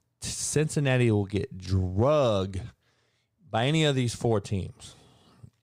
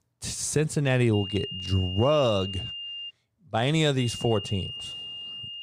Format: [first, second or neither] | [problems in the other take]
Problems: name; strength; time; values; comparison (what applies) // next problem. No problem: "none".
first | high-pitched whine; loud; from 1 to 3 s and from 4 s on; 3 kHz, 9 dB below the speech